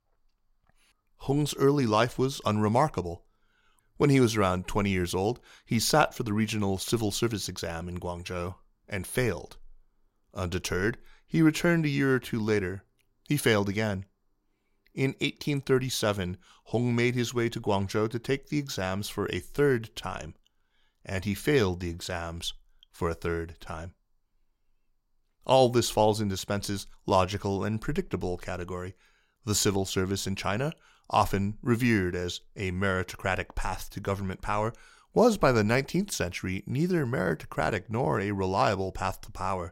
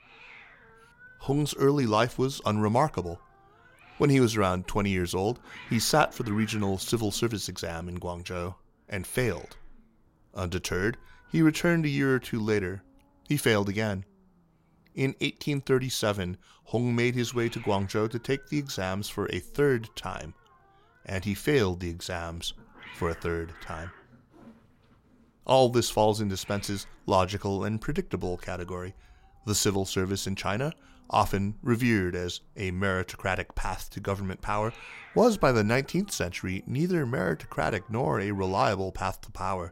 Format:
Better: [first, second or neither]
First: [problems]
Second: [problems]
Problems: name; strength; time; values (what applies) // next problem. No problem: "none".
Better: first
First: none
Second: hiss; faint; throughout; 25 dB below the speech